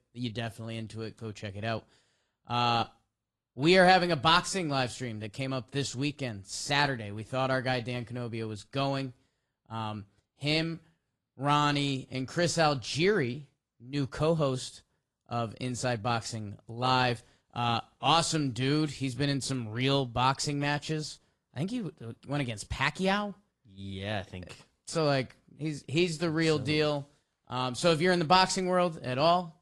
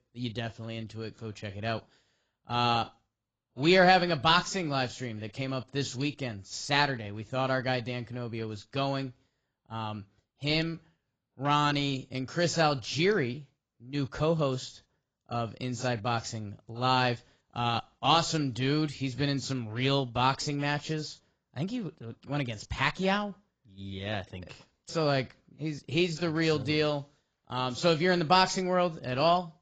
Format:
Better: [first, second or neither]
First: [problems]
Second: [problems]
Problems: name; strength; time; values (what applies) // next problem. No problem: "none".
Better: first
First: garbled, watery; slightly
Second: garbled, watery; badly; nothing above 7.5 kHz